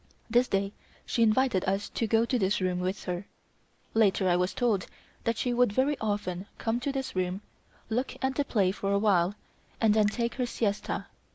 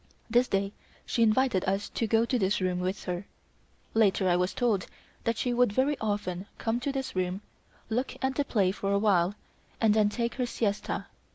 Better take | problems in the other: second | noise reduction (neural mask model Resemble Enhance denoiser)

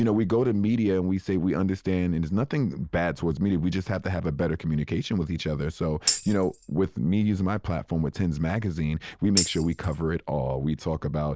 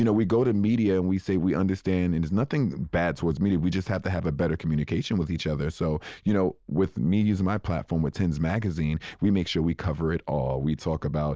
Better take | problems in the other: second | background sound (Tambourine); 6 dB below the speech

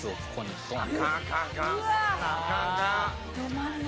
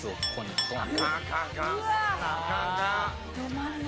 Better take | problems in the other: first | background sound (Chink, clink); 9 dB below the speech

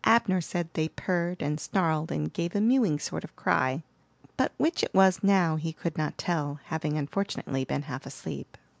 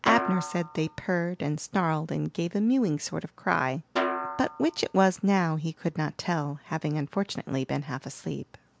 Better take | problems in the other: first | background sound (Snare drum); 7 dB below the speech

